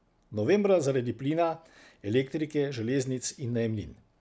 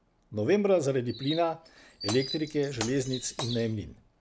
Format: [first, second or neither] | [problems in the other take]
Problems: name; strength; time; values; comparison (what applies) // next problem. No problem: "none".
first | background sound (Glass + Chirp, tweet); 11 dB below the speech